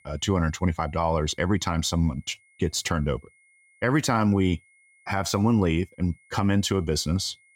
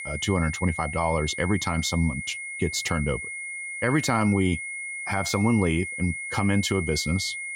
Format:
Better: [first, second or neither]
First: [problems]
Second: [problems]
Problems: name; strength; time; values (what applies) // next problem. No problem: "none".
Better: first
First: high-pitched whine; faint; throughout; 2 kHz, 35 dB below the speech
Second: high-pitched whine; loud; throughout; 2 kHz, 6 dB below the speech